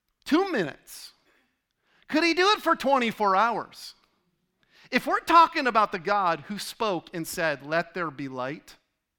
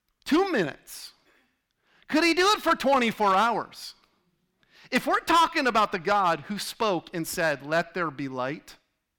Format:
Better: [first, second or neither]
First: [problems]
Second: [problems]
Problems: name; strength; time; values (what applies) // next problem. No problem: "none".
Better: first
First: none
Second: distortion; slight; 3% of the sound clipped